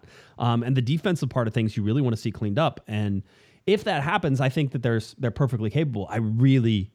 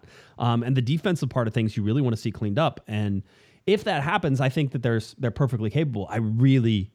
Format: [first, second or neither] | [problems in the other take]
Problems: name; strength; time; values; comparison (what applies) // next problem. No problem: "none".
neither | none